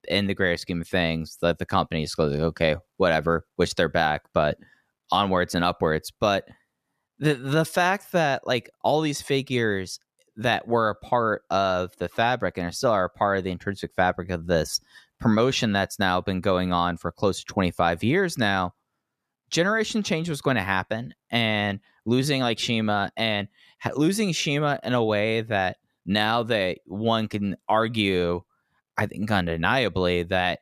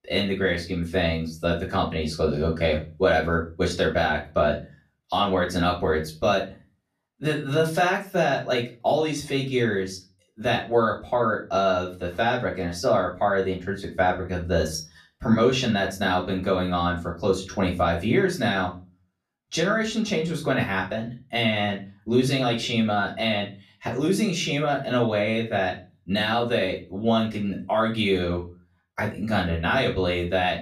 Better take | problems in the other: first | off-mic speech; far // room echo; very slight; dies away in 0.3 s

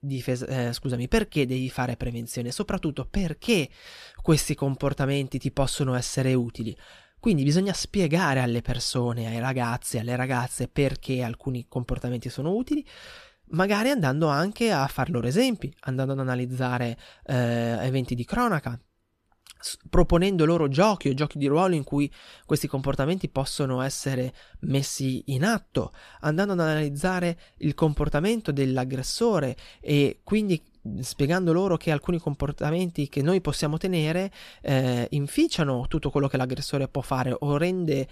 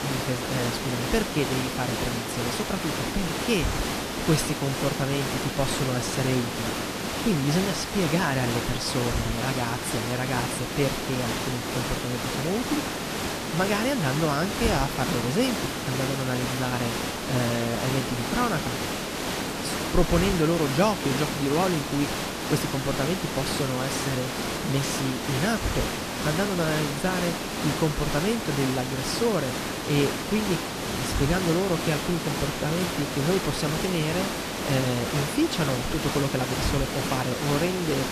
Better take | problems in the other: first | hiss; loud; throughout; 1 dB below the speech

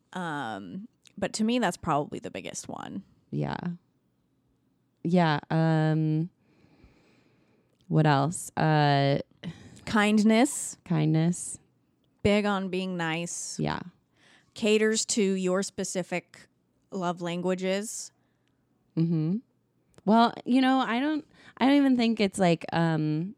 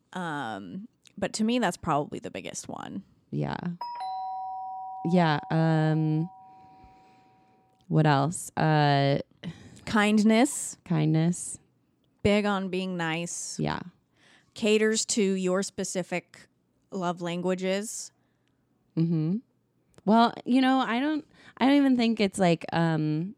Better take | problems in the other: first | doorbell; noticeable; from 4 to 6.5 s; peak 8 dB below the speech

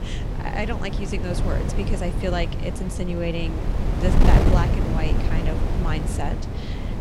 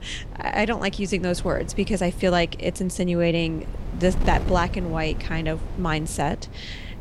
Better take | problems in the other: second | wind noise on the microphone; heavy; 2 dB below the speech; occasional gusts in the second

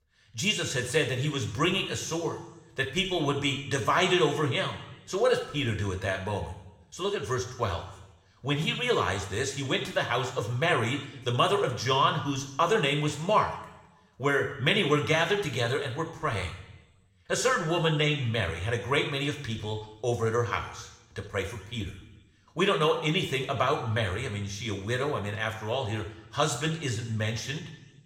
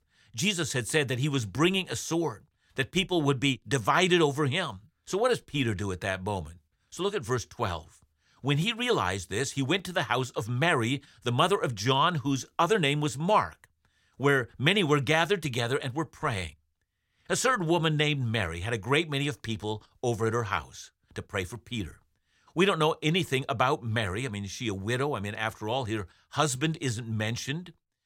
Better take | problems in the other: second | room echo; slight; dies away in 0.8 s

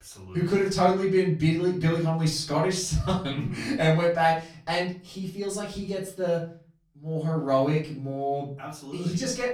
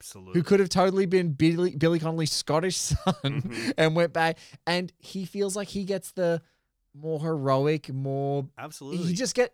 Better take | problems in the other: second | room echo; slight; dies away in 0.3 s // off-mic speech; far

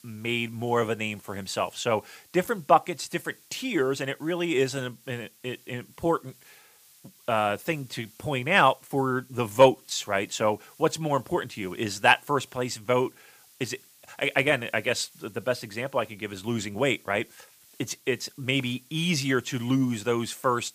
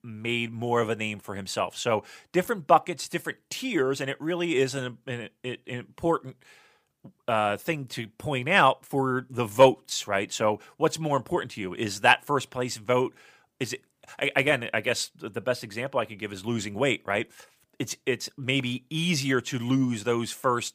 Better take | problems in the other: second | hiss; faint; throughout; 25 dB below the speech

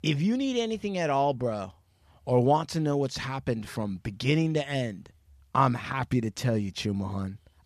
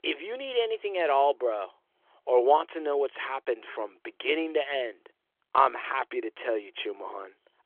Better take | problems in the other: first | phone-call audio

